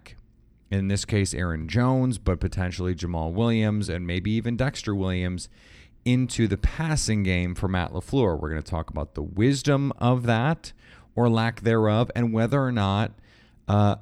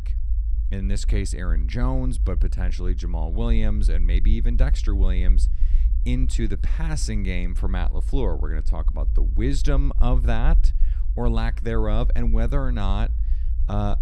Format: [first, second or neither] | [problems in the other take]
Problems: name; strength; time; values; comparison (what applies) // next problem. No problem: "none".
first | low rumble; noticeable; throughout; 15 dB below the speech